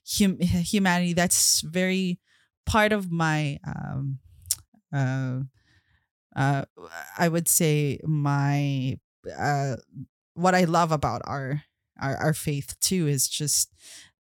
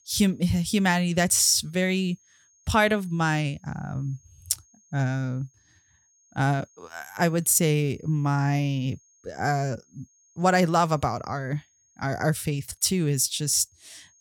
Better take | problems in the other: first | high-pitched whine; faint; throughout; 6.5 kHz, 35 dB below the speech

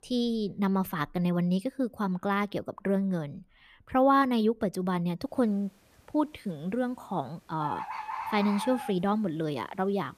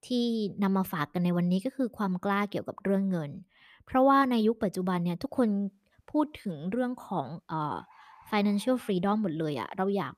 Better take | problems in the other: second | animal sounds; loud; throughout; 8 dB below the speech; faint in the second

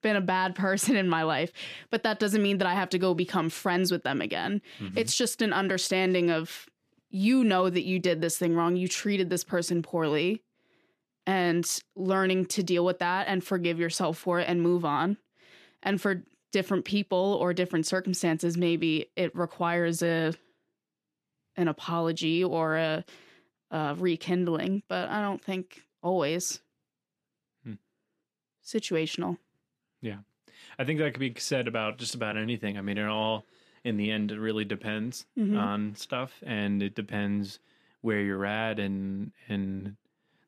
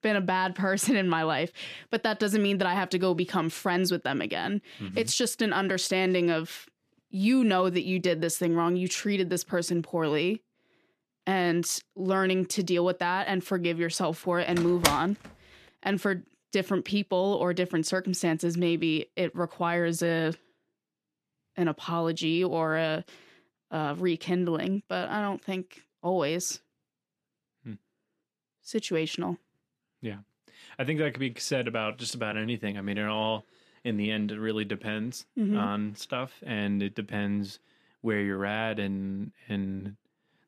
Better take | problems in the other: first | door banging; loud; at 15 s; peak 2 dB above the speech

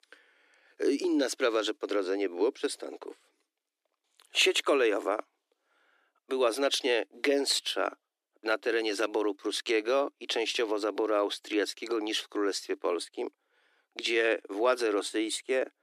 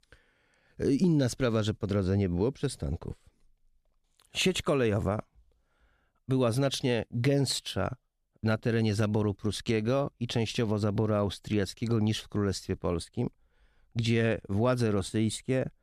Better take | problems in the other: second | thin; very; fading below 300 Hz

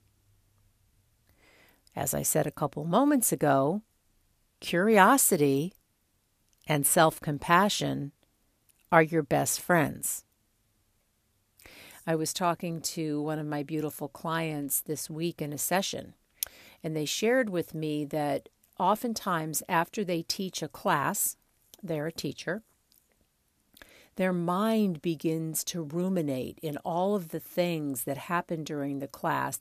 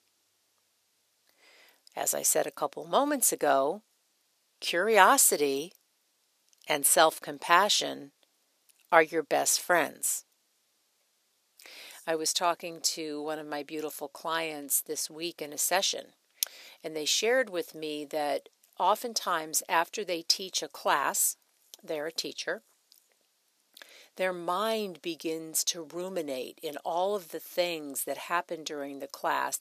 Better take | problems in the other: first | thin; somewhat; fading below 450 Hz

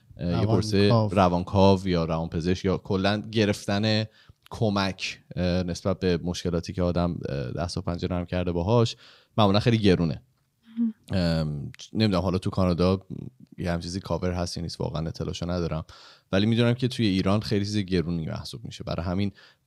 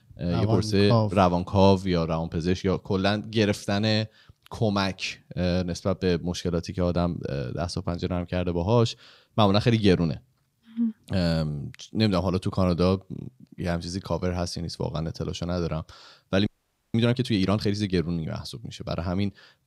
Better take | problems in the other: first | audio freezing; at 16 s

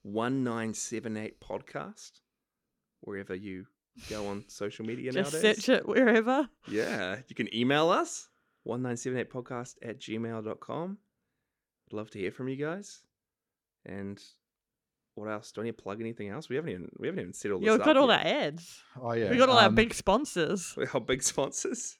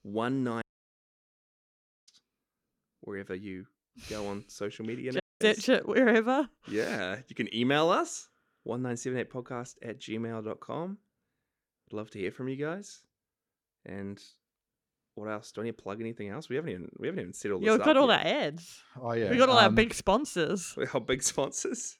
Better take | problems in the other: first | audio cutting out; at 0.5 s for 1.5 s and at 5 s

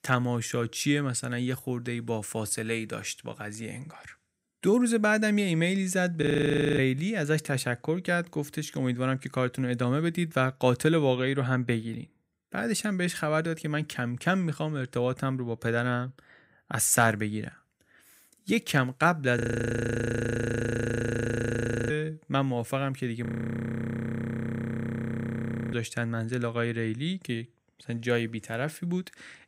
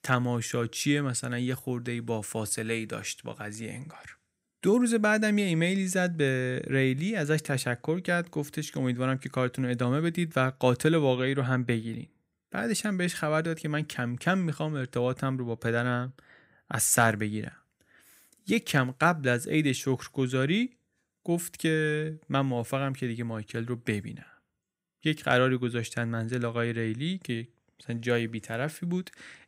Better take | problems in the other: second | audio freezing; at 6 s for 0.5 s, at 19 s for 2.5 s and at 23 s for 2.5 s

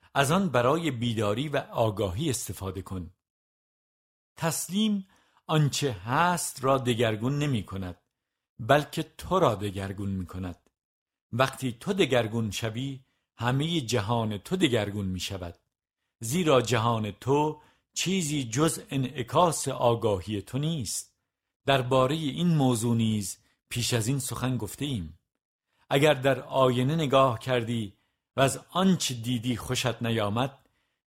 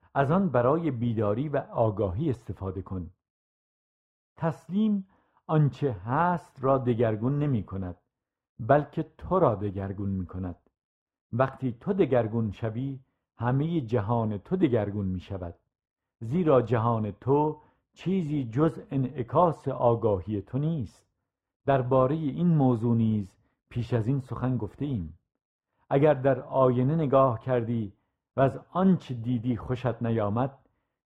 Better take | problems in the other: first | muffled; very; fading above 3 kHz

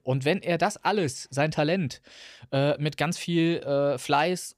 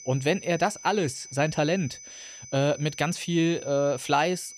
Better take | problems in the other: first | high-pitched whine; noticeable; throughout; 6 kHz, 15 dB below the speech

